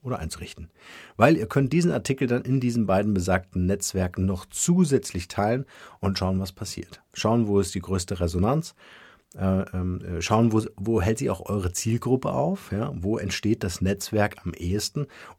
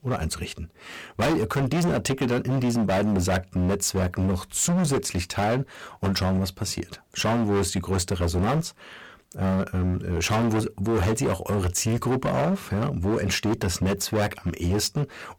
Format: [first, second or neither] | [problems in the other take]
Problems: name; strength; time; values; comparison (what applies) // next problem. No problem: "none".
first | distortion; heavy; 21% of the sound clipped